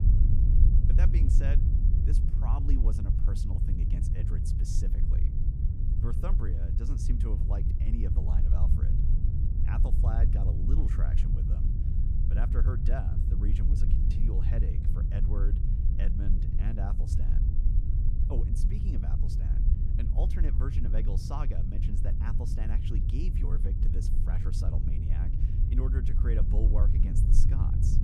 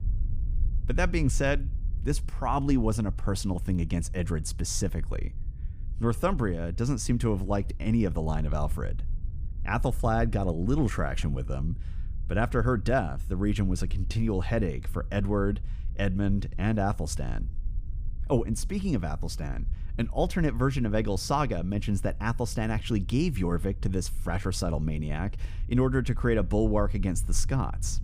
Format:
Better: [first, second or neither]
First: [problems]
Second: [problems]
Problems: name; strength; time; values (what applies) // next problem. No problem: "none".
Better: second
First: low rumble; loud; throughout; as loud as the speech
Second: low rumble; faint; throughout; 25 dB below the speech